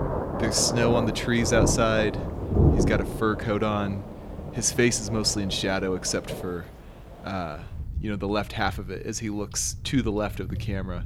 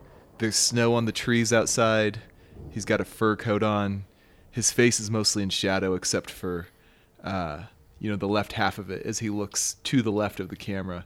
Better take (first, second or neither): second